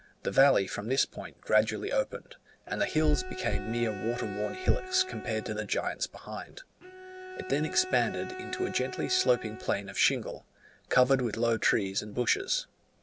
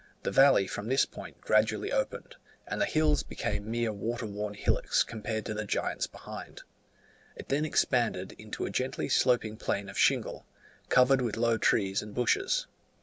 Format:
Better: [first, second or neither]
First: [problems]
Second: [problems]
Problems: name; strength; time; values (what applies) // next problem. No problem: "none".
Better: second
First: background sound (Bowed string instrument); 12 dB below the speech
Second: none